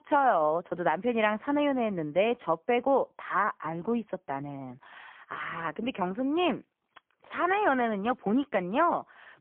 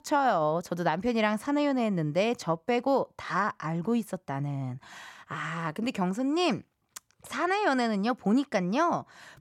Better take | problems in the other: second | phone-call audio; poor line; nothing above 3.5 kHz

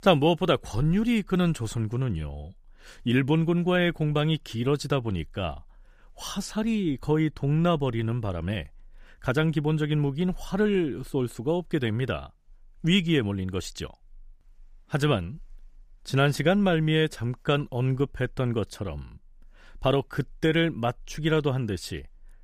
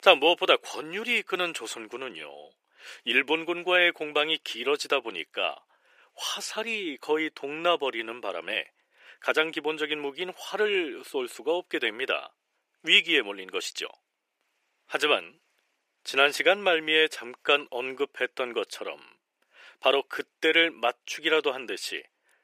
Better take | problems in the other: first | thin; very; fading below 400 Hz

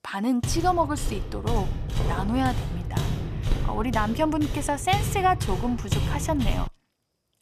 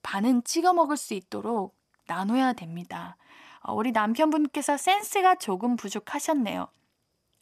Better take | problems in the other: second | footsteps; noticeable; until 6.5 s; peak level with the speech

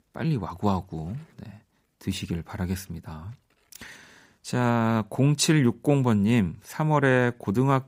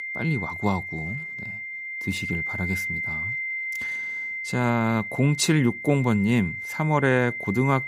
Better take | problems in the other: first | high-pitched whine; loud; throughout; 2 kHz, 5 dB below the speech

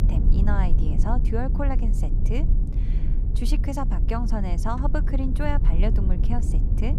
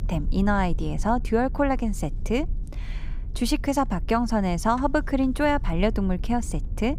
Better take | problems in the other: second | low rumble; loud; throughout; 8 dB below the speech; faint in the second

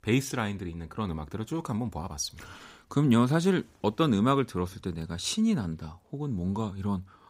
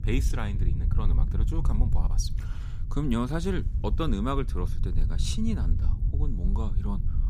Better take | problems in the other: first | low rumble; noticeable; throughout; 10 dB below the speech

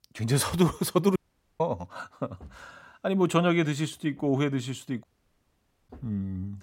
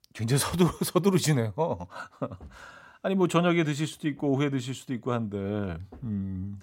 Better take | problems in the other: second | audio cutting out; at 1 s and at 5 s for 1 s

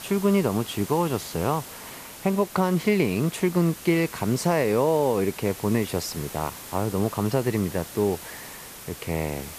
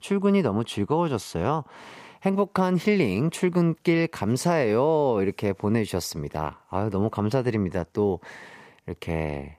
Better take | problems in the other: second | hiss; noticeable; throughout; 15 dB below the speech

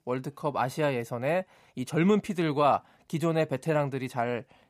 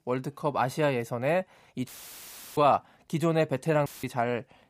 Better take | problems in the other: first | audio cutting out; filled with static; at 2 s for 0.5 s and at 4 s

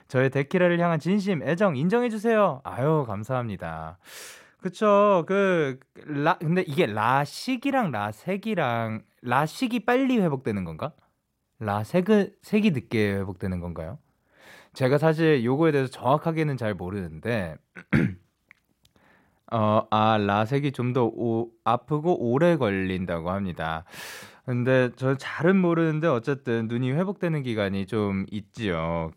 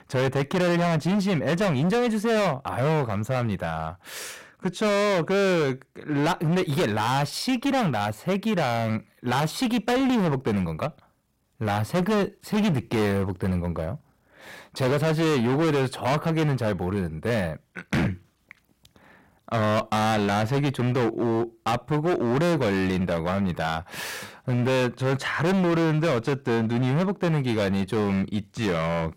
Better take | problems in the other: first | distortion; heavy; 24% of the sound clipped

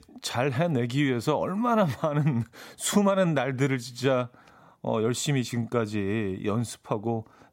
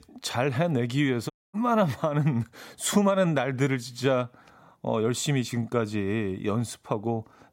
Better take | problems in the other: first | audio cutting out; at 1.5 s

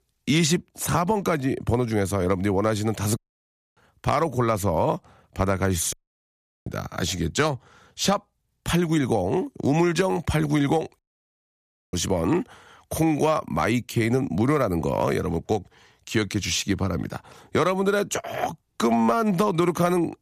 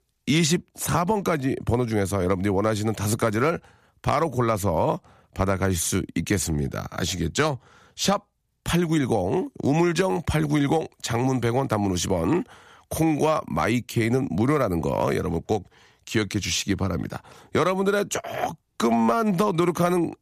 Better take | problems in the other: second | audio cutting out; at 3 s for 0.5 s, at 6 s for 0.5 s and at 11 s for 1 s

